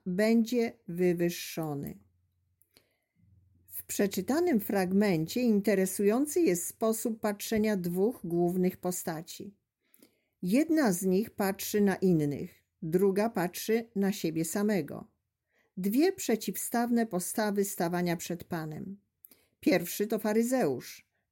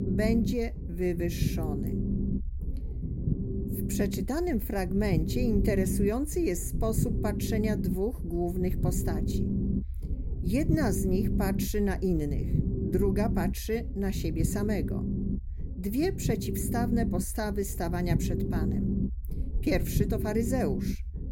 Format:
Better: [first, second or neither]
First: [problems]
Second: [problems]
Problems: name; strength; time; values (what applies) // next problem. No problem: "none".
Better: first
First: none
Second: low rumble; loud; throughout; 6 dB below the speech